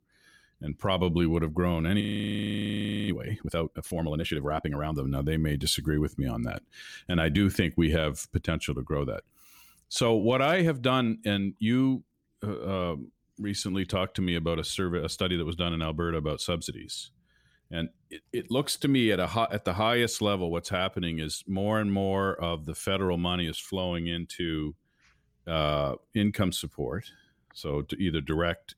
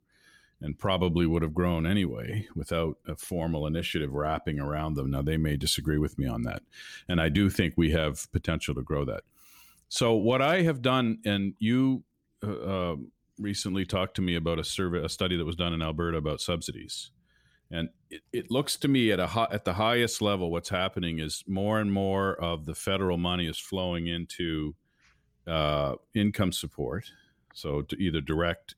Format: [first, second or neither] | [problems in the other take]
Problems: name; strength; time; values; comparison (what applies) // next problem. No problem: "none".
second | audio freezing; at 2 s for 1 s